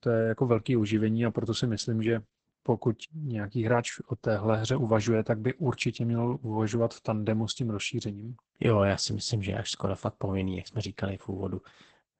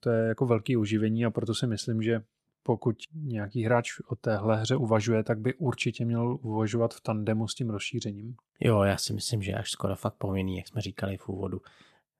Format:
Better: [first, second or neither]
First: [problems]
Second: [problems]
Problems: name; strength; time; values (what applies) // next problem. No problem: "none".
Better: second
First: garbled, watery; badly; nothing above 8 kHz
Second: none